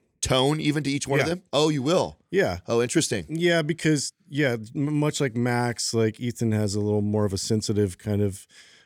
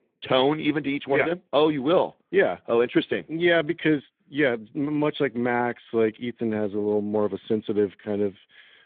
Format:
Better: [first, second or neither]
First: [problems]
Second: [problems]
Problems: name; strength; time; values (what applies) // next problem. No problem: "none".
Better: first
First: none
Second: phone-call audio; nothing above 3.5 kHz